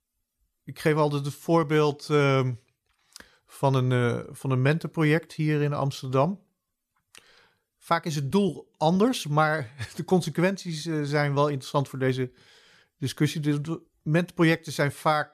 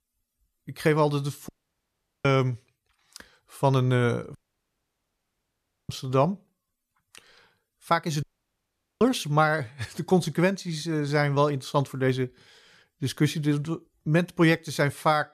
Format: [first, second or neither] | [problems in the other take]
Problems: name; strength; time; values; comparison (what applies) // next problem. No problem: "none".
first | audio cutting out; at 1.5 s for 1 s, at 4.5 s for 1.5 s and at 8 s for 1 s